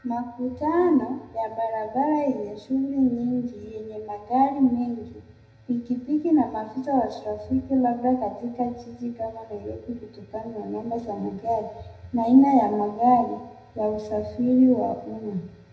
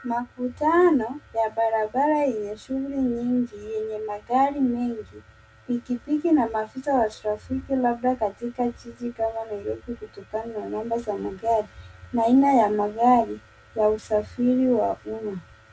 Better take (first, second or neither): second